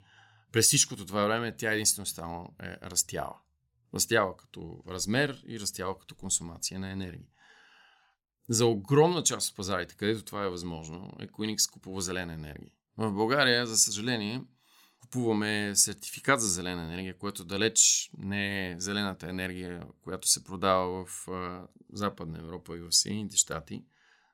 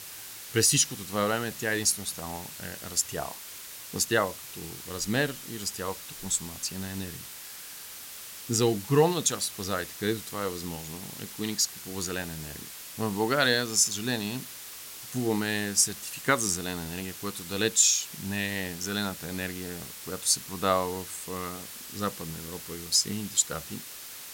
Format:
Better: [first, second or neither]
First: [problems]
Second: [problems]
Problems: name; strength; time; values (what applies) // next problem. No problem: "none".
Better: first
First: none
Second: hiss; noticeable; throughout; 10 dB below the speech